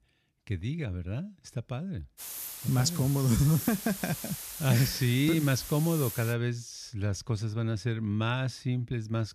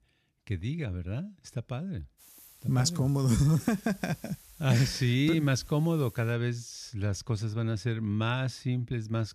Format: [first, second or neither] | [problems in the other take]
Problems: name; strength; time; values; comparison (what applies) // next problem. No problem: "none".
second | hiss; loud; from 2 to 6.5 s; 8 dB below the speech; faint in the second